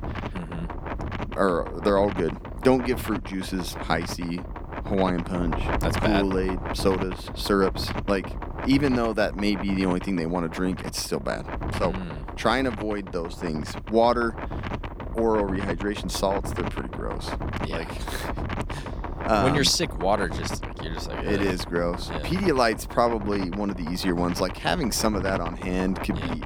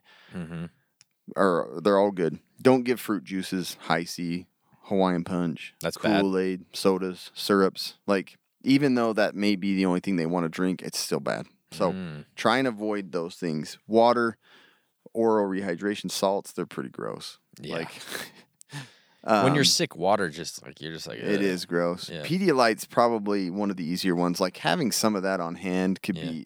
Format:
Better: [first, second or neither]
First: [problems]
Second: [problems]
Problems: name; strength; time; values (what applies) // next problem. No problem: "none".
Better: second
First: wind noise on the microphone; heavy; 8 dB below the speech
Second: none